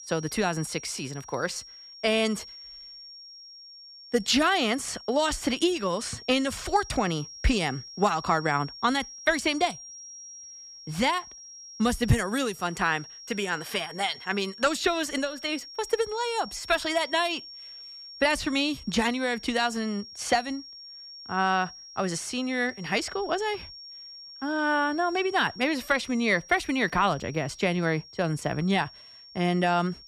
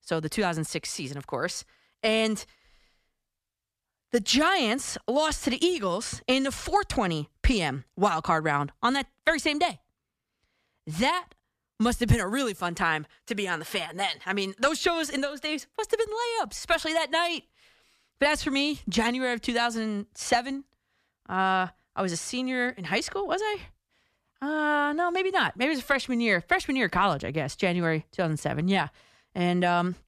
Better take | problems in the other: second | high-pitched whine; noticeable; throughout; 5.5 kHz, 15 dB below the speech

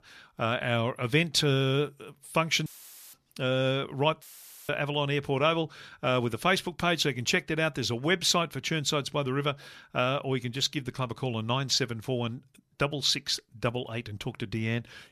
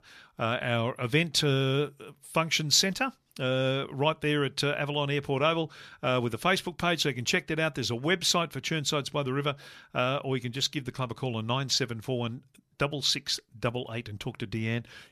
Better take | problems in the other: second | audio cutting out; filled with static; at 2.5 s and at 4 s

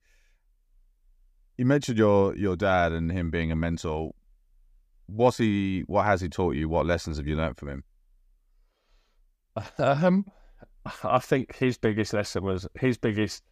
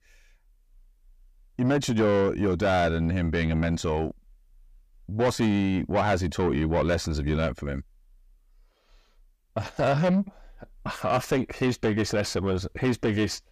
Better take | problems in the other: first | distortion; heavy; 7 dB below the speech

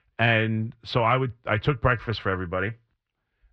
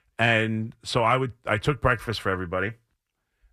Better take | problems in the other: second | muffled; very slightly; fading above 4 kHz

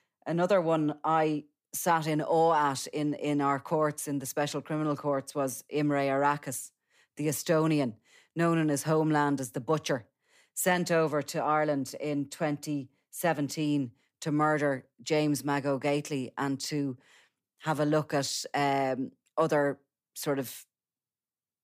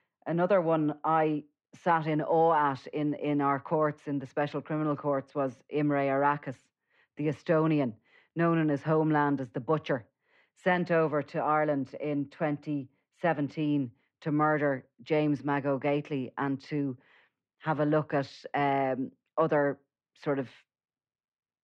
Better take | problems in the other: first | muffled; very; fading above 2.5 kHz

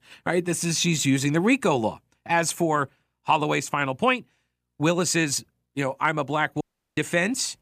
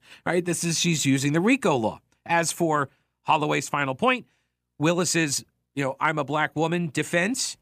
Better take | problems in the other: second | audio cutting out; at 6.5 s

